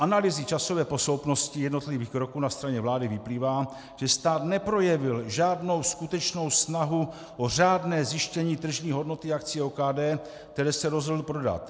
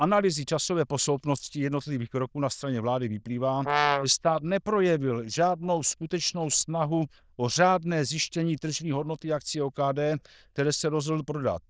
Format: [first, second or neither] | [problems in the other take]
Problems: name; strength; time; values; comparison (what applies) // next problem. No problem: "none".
first | noise reduction (neural diffusion model UNIVERSE++)